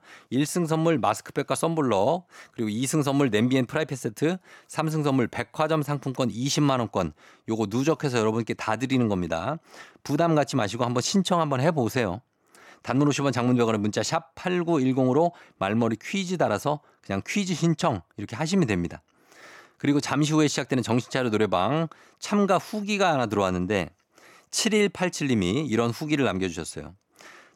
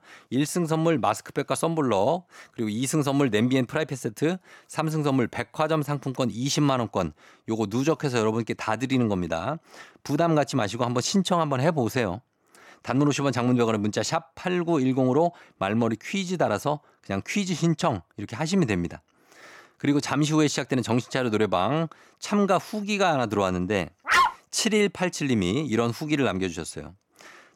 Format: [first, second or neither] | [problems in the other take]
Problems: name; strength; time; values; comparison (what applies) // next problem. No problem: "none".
first | dog barking; loud; at 24 s; peak 5 dB above the speech